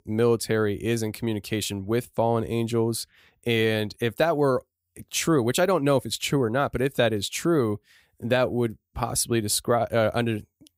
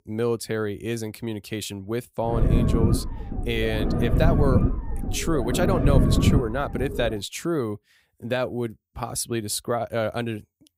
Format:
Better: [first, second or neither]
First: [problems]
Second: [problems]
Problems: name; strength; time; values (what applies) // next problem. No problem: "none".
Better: first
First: none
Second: low rumble; loud; from 2.5 to 7 s; 3 dB below the speech